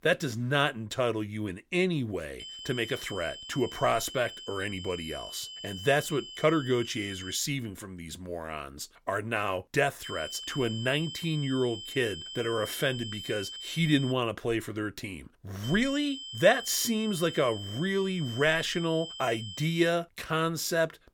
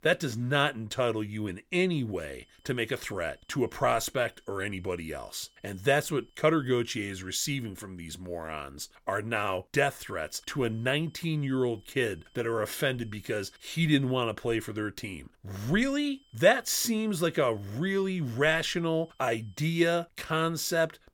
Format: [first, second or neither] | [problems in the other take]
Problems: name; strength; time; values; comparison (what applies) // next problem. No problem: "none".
second | high-pitched whine; loud; from 2.5 to 7.5 s, from 10 to 14 s and from 16 to 20 s; 3 kHz, 10 dB below the speech; faint in the second